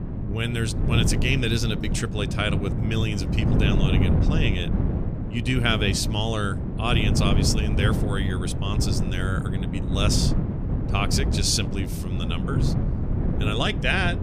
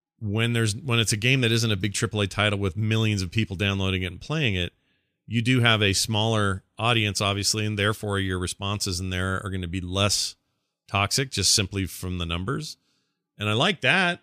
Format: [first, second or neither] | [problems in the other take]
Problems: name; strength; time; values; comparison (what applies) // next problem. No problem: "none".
second | wind noise on the microphone; heavy; 7 dB below the speech